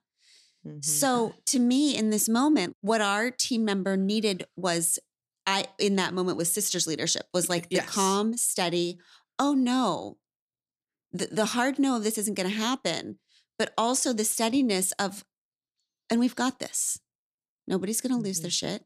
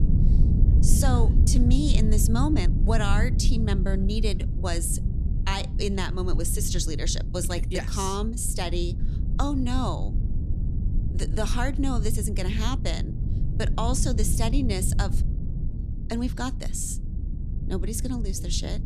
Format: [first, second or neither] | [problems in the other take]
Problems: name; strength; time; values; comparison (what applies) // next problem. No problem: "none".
first | low rumble; loud; throughout; 9 dB below the speech